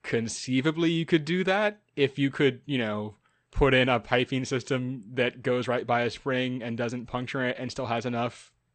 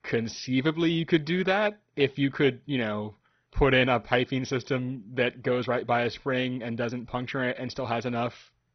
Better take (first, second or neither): first